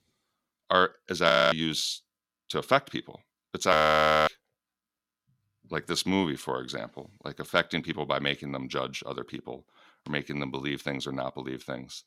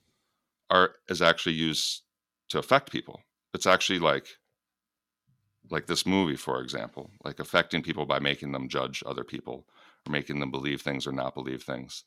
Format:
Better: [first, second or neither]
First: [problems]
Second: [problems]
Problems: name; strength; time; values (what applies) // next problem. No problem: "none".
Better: second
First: audio freezing; at 1.5 s and at 3.5 s for 0.5 s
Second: none